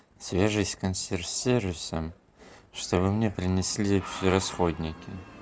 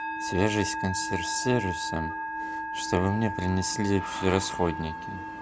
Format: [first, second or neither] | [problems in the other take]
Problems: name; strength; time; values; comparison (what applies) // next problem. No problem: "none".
first | background sound (Musical instrument); 5 dB below the speech